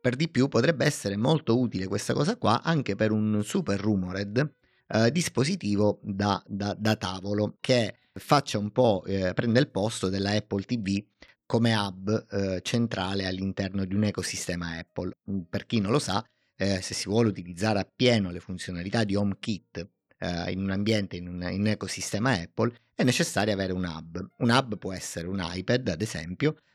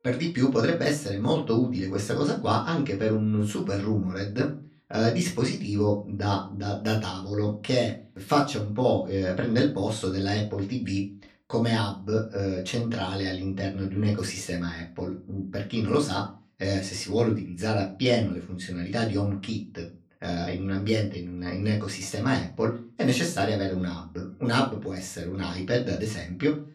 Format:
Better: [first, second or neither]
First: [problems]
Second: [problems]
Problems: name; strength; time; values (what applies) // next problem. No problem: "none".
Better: first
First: none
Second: off-mic speech; far // room echo; very slight; dies away in 0.3 s